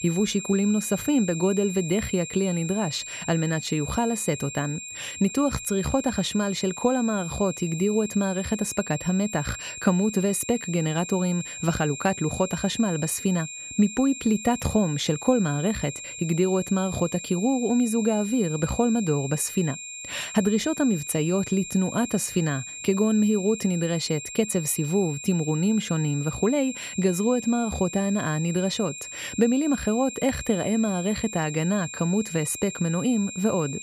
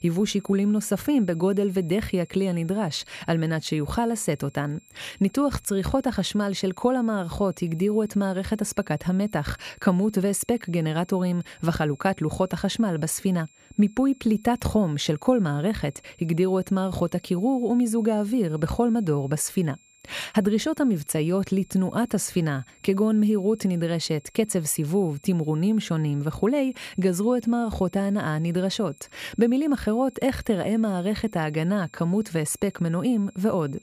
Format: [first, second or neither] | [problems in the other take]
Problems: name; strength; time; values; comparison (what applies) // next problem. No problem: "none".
second | high-pitched whine; loud; throughout; 7.5 kHz, 10 dB below the speech; faint in the second